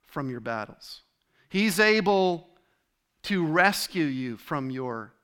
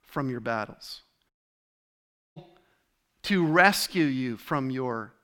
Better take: first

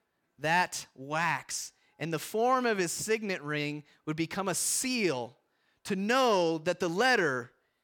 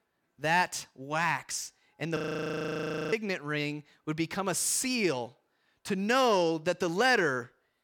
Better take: first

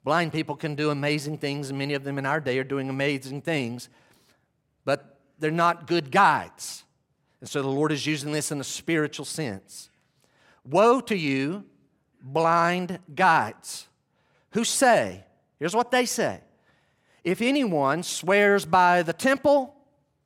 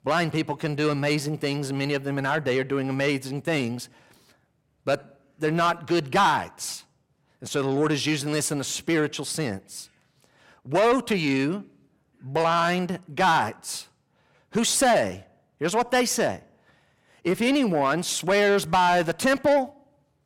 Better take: first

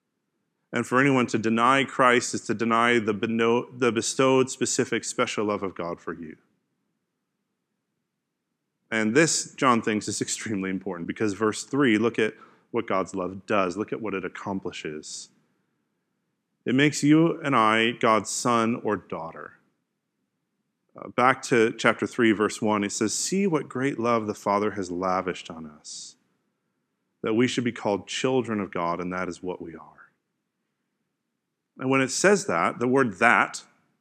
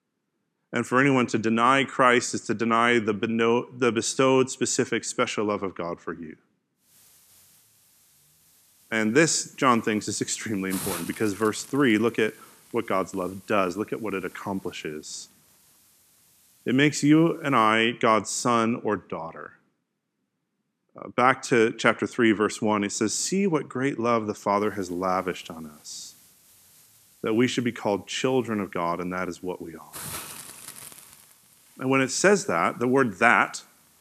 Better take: first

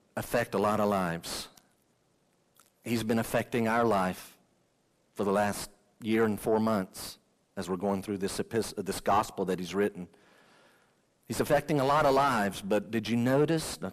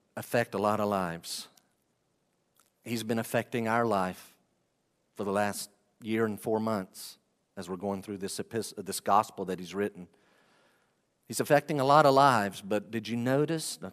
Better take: second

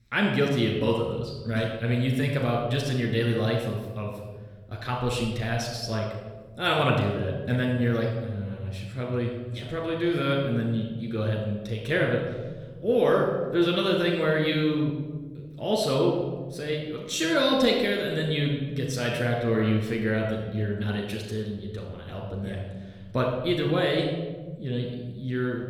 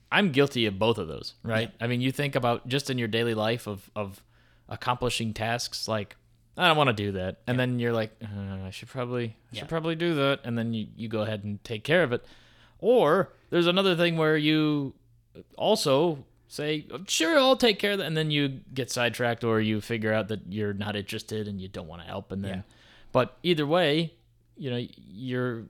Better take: second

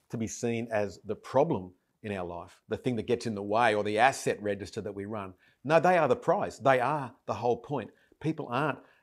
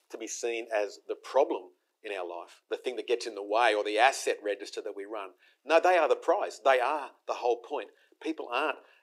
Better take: first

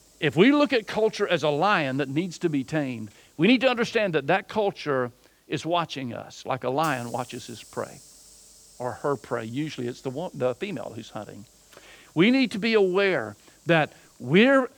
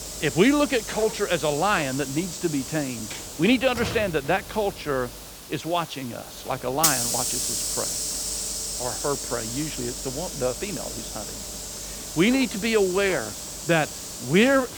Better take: first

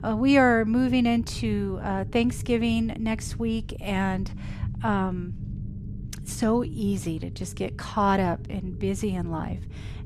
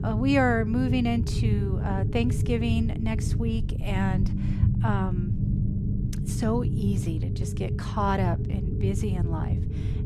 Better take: first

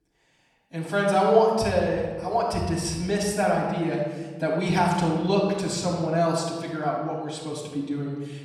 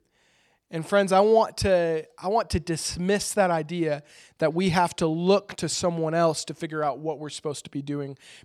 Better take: second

